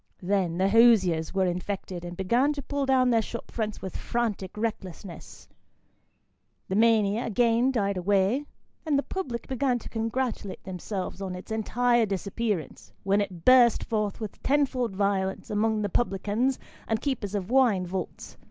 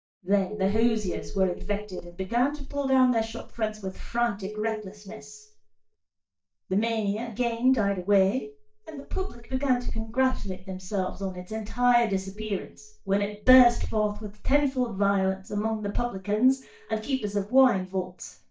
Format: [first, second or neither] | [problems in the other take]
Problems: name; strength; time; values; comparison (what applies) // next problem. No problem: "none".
first | noise reduction (neural mask model DeepFilterNet 3)